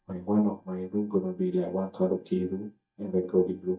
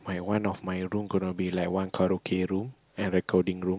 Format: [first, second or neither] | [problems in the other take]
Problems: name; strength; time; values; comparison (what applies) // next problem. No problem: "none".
second | noise reduction (neural mask model DeepFilterNet 3)